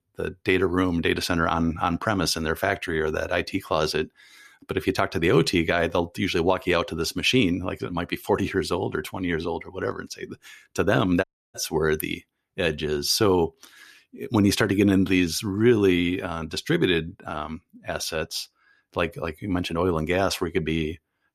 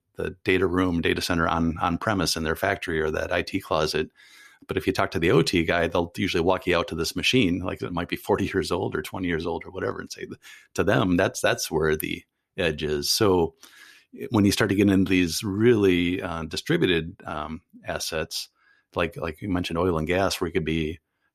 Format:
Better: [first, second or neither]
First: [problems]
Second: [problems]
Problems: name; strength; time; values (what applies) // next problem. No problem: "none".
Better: second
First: audio cutting out; at 11 s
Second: none